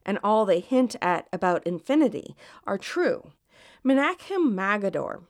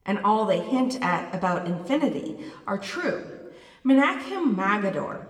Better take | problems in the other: first | room echo; slight; dies away in 0.9 s

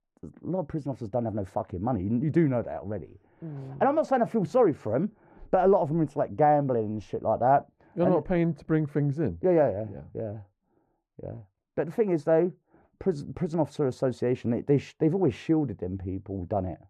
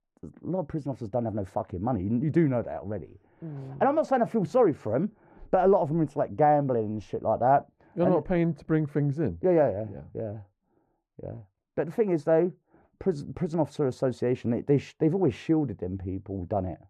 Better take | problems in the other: neither | muffled; very; fading above 2 kHz; the same in both

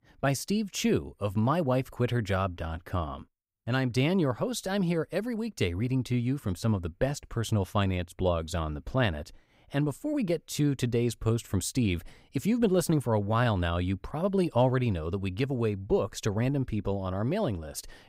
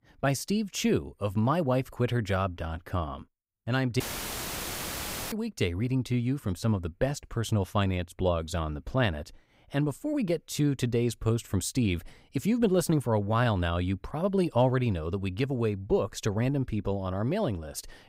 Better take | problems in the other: first | audio cutting out; filled with static; at 4 s for 1.5 s

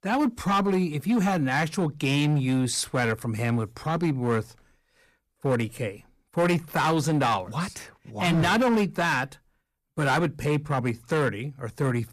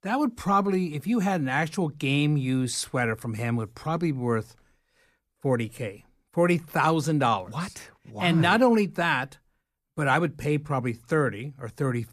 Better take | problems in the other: second | distortion; slight; 9% of the sound clipped

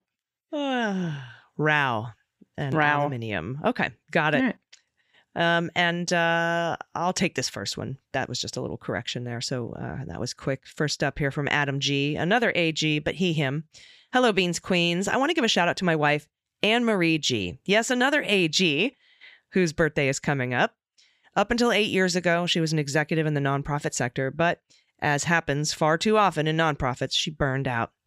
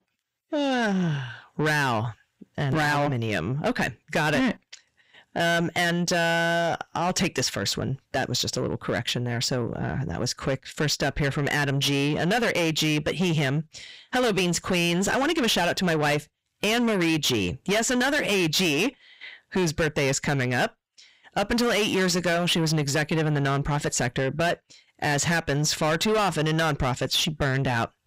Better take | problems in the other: first | distortion; heavy; 6 dB below the speech

